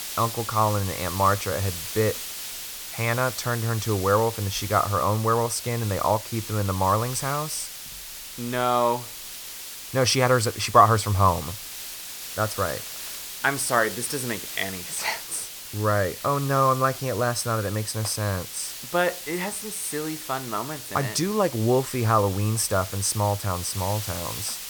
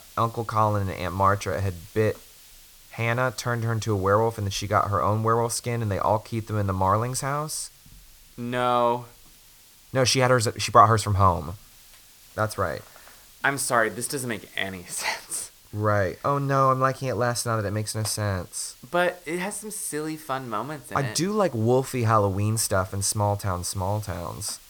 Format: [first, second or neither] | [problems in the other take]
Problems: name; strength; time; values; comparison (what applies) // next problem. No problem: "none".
second | hiss; loud; throughout; 9 dB below the speech; faint in the second